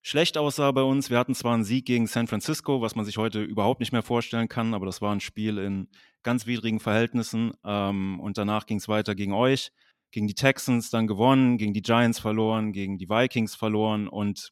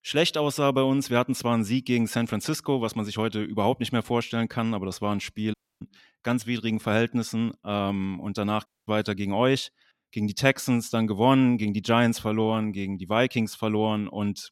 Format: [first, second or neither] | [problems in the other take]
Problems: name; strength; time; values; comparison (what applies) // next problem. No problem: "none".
first | audio cutting out; at 5.5 s and at 8.5 s